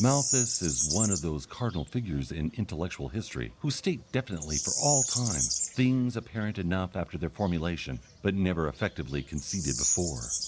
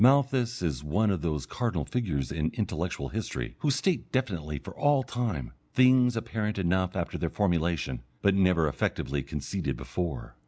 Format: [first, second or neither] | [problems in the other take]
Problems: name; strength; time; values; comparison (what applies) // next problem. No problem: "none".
second | background sound (Bird vocalization, bird call, bird song); 3 dB below the speech